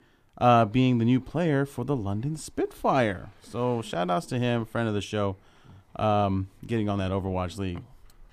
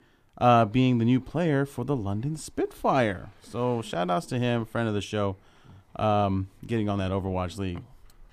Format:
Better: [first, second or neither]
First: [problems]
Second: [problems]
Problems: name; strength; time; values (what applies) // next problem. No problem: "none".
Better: neither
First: none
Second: none